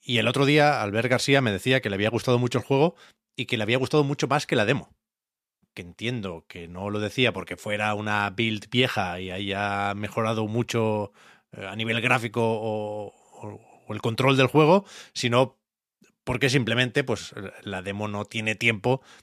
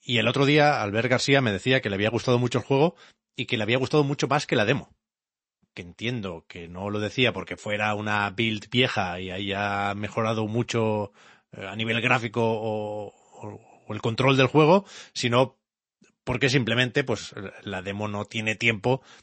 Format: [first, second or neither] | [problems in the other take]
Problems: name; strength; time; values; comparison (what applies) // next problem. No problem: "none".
first | garbled, watery; slightly; nothing above 8 kHz